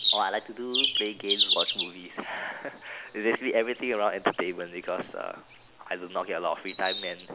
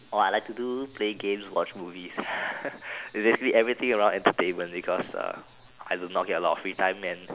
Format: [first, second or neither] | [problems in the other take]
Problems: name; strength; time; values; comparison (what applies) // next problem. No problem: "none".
second | background sound (Bird vocalization, bird call, bird song); 1 dB below the speech